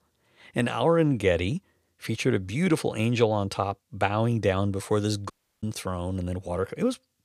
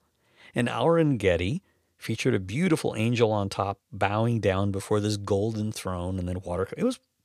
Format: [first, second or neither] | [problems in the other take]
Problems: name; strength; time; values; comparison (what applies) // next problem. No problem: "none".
second | audio cutting out; at 5.5 s